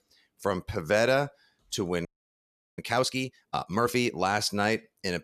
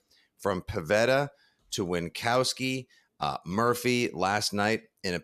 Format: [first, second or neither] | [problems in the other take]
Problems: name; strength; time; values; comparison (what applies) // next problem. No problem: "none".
second | audio freezing; at 2 s for 0.5 s